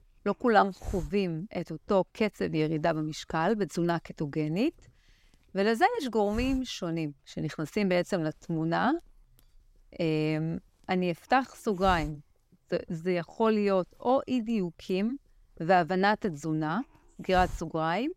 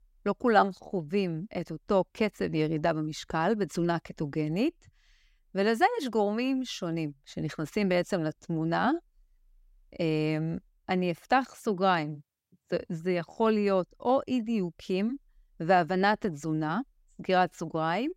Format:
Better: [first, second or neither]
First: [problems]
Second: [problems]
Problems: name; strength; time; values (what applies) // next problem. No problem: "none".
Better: second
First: hiss; noticeable; throughout; 15 dB below the speech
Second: none